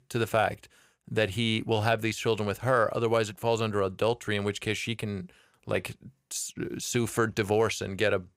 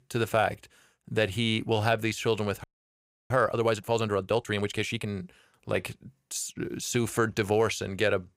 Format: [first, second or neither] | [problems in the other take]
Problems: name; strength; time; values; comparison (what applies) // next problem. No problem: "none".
first | audio freezing; at 2.5 s for 0.5 s